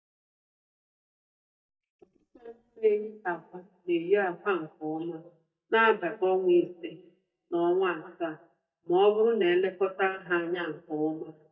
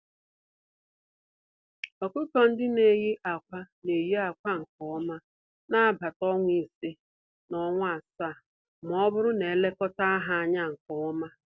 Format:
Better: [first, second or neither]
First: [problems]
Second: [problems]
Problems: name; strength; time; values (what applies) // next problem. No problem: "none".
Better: second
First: noise reduction (neural mask model DeepFilterNet 3)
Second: none